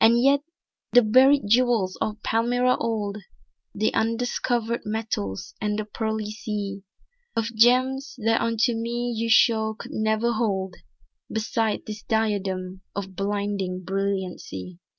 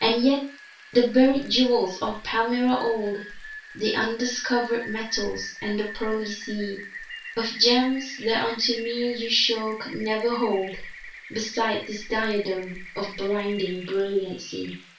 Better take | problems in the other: first | background sound (Rain); 16 dB below the speech // room echo; dies away in 0.3 s

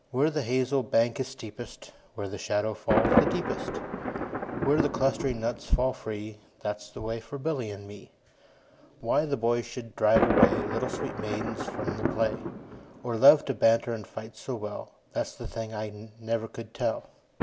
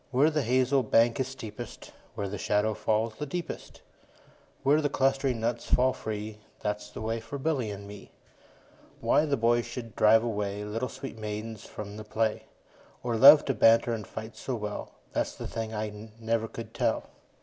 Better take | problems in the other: second | background sound (Thunder); 4 dB below the speech

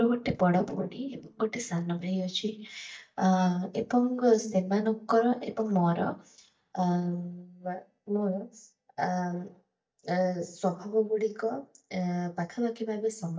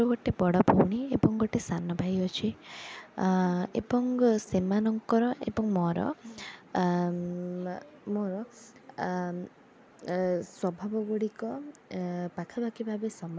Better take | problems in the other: second | noise reduction (neural mask model DeepFilterNet 3)

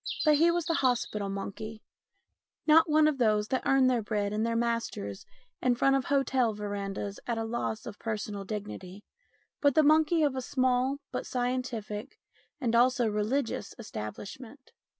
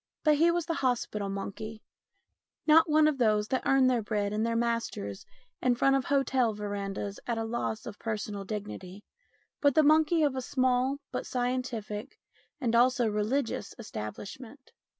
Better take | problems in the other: second | background sound (Bird); 9 dB below the speech

